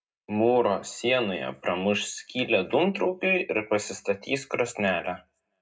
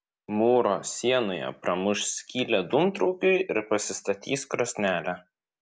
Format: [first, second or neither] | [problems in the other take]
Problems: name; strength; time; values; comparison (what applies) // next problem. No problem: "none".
second | room echo; dies away in 0.2 s